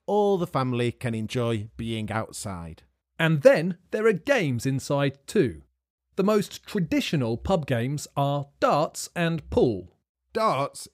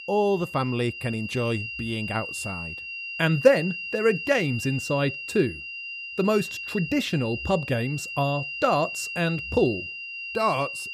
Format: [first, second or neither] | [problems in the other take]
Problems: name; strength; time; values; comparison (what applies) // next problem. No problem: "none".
first | high-pitched whine; loud; throughout; 3 kHz, 7 dB below the speech